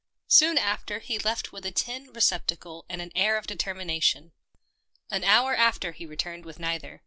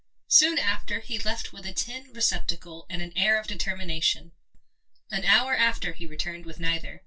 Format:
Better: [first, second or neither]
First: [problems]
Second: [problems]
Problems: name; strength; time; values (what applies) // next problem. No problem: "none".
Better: first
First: none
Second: room echo; dies away in 0.1 s